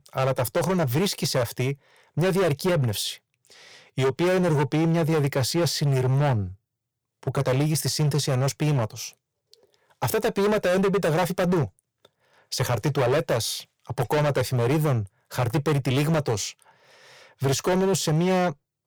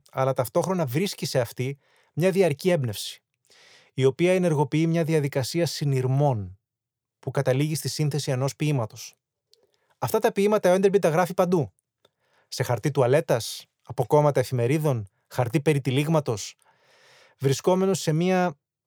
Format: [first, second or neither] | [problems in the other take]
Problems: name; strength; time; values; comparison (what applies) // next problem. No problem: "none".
second | distortion; heavy; 18% of the sound clipped